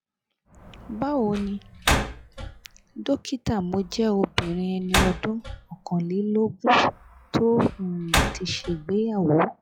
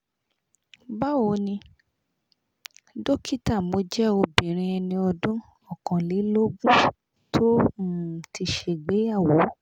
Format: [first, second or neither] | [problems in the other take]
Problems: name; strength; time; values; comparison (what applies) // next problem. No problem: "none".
second | noise reduction (classical method log-MMSE)